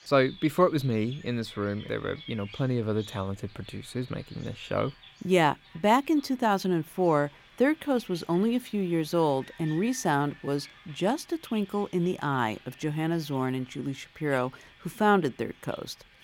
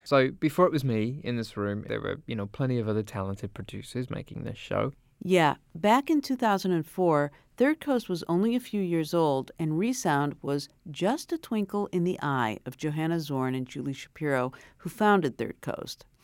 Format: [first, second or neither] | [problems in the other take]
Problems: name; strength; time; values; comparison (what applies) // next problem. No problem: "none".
second | animal sounds; faint; throughout; 20 dB below the speech